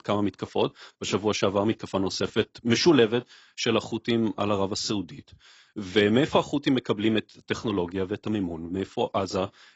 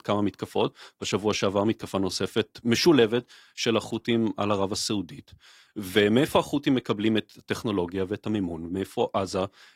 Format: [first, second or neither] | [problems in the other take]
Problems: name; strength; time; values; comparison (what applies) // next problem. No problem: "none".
second | garbled, watery; badly; nothing above 7.5 kHz; slightly in the second